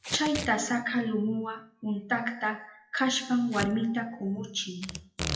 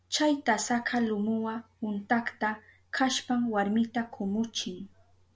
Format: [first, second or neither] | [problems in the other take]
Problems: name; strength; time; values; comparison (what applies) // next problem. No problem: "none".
second | noise reduction (classical method WPE with log-MMSE)